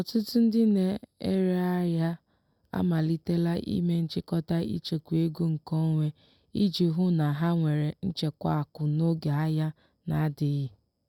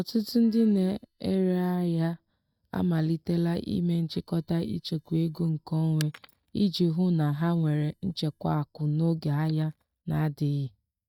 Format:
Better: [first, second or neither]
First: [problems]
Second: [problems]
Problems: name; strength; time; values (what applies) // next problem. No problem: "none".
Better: first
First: none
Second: noise reduction (neural mask model DeepFilterNet 3)